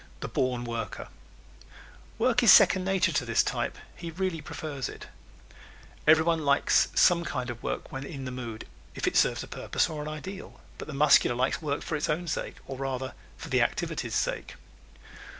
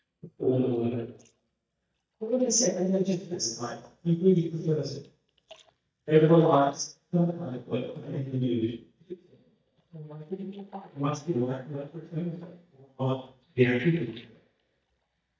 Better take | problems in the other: first | noise reduction (neural mask model DeepFilterNet 3)

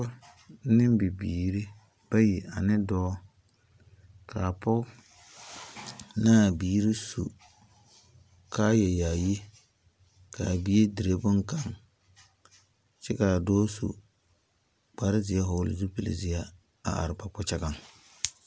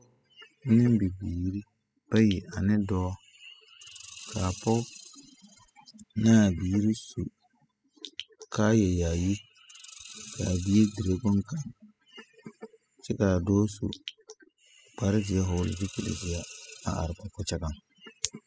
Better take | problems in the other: first | noise reduction (classical method spectral subtraction)

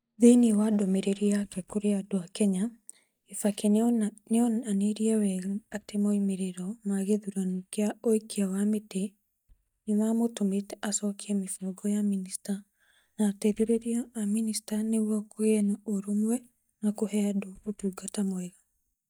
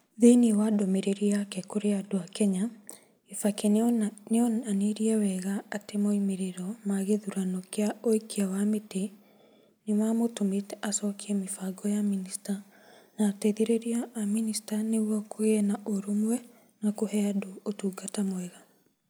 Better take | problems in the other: second | noise reduction (neural mask model DeepFilterNet 3)

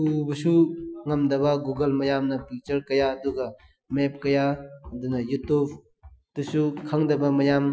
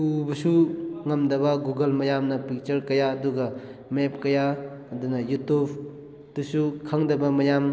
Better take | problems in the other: second | noise reduction (classical method Wiener filter)

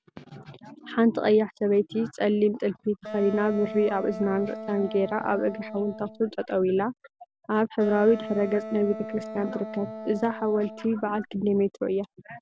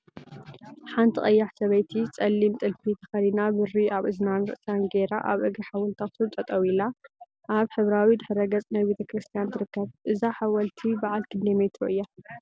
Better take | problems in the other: second | background sound (Wind instrument, woodwind instrument); 12 dB below the speech

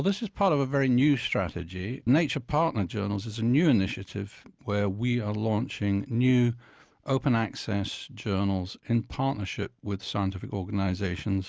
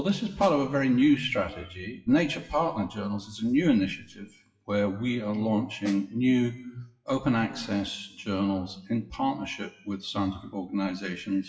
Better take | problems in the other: first | noise reduction (classical method WPE with log-MMSE)

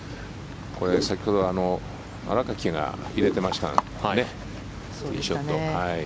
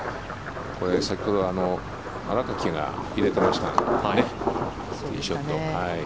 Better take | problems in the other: first | background sound (Thunder); 3 dB below the speech

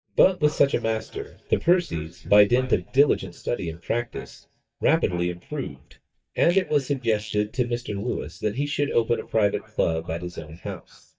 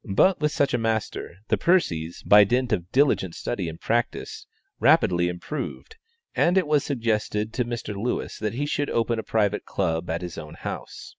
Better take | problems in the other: second | noise reduction (neural mask model DeepFilterNet 3)

